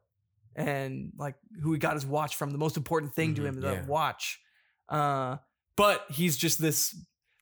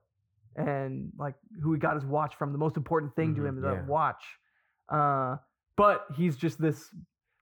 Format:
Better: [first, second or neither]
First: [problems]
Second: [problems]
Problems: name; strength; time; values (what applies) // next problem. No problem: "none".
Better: first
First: none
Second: muffled; very; fading above 3 kHz